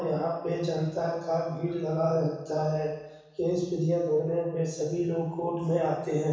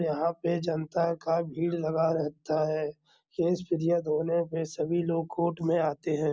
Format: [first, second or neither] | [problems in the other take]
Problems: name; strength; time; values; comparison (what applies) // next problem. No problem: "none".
second | room echo; dies away in 1.1 s